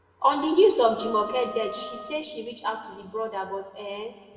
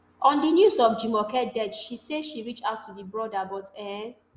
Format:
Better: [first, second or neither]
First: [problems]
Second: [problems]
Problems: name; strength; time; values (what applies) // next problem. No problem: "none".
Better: second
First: background sound (Wind instrument, woodwind instrument); 14 dB below the speech // room echo; dies away in 1.9 s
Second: none